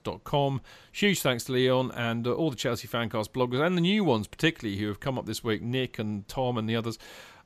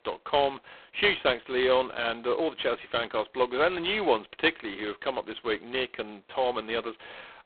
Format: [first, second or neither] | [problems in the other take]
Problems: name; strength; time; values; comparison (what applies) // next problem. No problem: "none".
first | phone-call audio; poor line